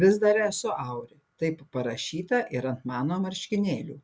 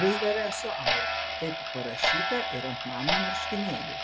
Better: first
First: none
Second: background sound (Clock); 3 dB above the speech

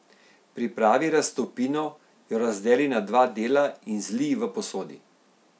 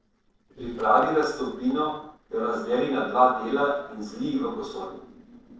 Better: first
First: none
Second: noise reduction (neural separator model SepFormer DNS4)

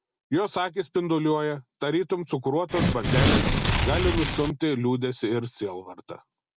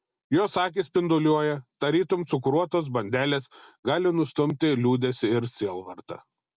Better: second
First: background sound (Tearing); 4 dB above the speech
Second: none

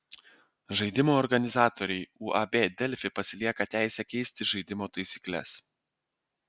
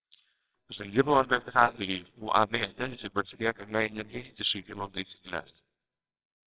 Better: first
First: none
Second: noise reduction (neural separator model SepFormer WHAMR!)

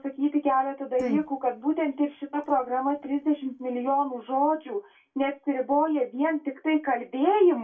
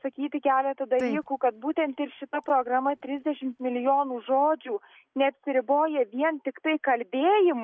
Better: second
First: room echo; dies away in 0.2 s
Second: none

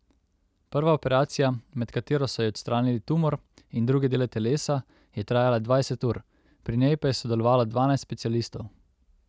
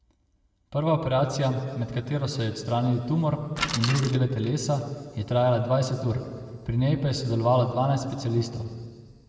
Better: first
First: none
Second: background sound (Bicycle); 8 dB below the speech // room echo; dies away in 2.1 s

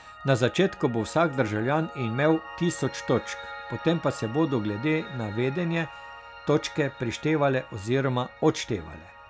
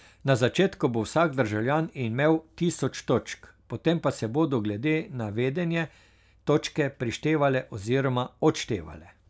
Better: second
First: background sound (Piano); 15 dB below the speech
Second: none

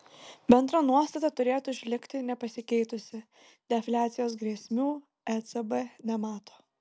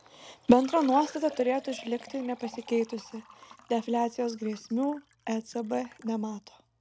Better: first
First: none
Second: background sound (Liquid); 20 dB below the speech

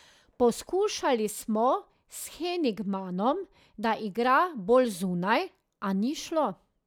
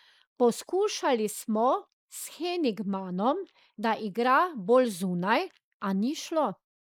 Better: first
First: none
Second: noise reduction (neural mask model Resemble Enhance denoiser)

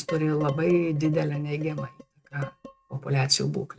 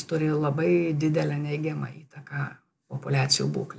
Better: second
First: noise reduction (neural mask model RNNoise)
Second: none

